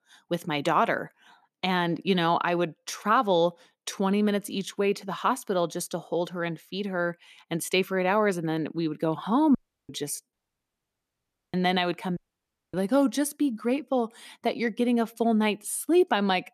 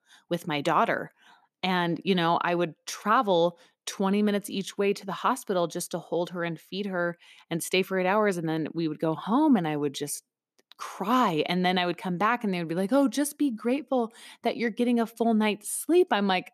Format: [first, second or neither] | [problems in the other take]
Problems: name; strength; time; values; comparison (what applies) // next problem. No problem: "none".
second | audio cutting out; at 9.5 s, at 10 s for 1 s and at 12 s for 0.5 s